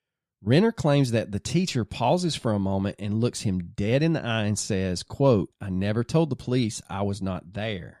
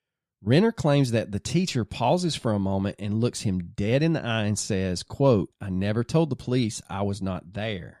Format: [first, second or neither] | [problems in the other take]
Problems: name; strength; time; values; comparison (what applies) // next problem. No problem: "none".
neither | none